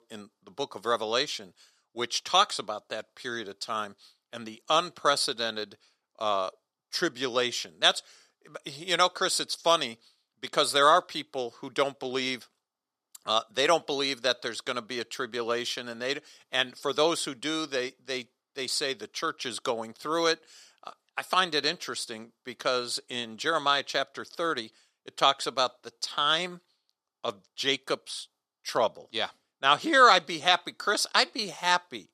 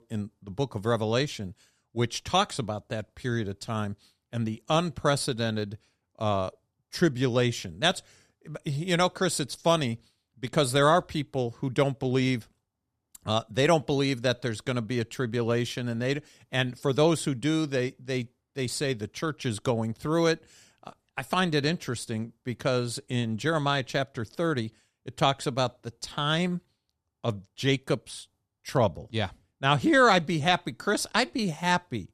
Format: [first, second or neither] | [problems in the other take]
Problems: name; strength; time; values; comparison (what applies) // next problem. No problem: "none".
second | thin; somewhat; fading below 400 Hz